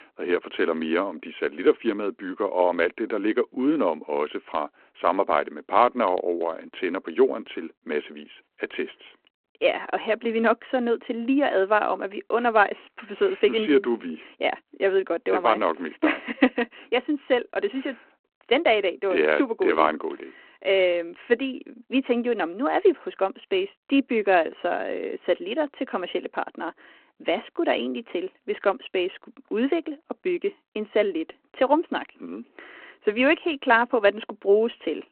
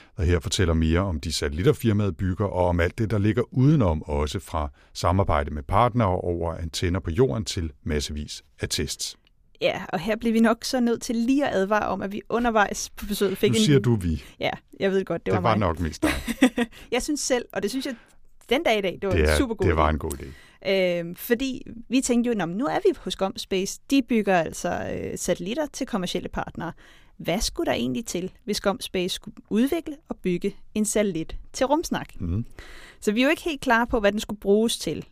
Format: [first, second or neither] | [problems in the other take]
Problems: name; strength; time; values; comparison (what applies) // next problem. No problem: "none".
second | phone-call audio